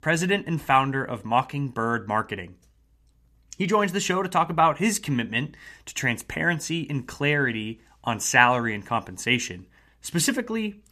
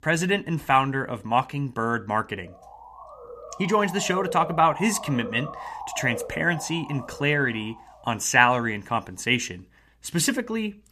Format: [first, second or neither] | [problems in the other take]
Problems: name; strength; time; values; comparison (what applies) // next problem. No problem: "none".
first | siren; noticeable; from 2.5 to 8 s; peak 8 dB below the speech